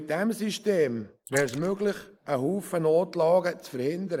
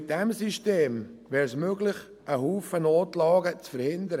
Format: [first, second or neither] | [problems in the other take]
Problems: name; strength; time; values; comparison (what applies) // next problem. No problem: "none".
second | noise reduction (neural mask model Resemble Enhance denoiser)